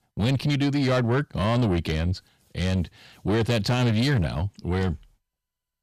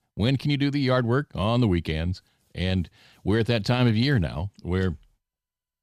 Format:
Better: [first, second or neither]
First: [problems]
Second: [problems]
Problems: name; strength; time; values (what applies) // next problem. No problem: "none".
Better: second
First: distortion; slight; 10 dB below the speech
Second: none